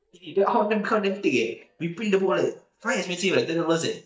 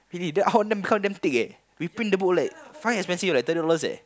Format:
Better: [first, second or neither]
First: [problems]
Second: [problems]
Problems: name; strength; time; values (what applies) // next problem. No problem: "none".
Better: second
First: noise reduction (neural mask model DeepFilterNet 3)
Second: none